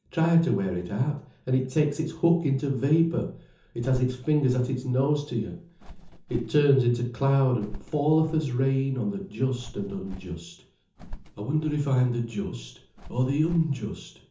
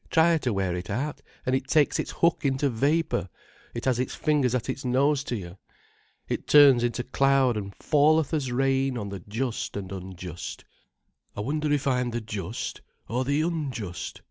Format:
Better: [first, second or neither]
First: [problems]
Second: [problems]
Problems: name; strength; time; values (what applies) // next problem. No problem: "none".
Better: second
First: background sound (Bird); 17 dB below the speech // room echo; dies away in 0.6 s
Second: none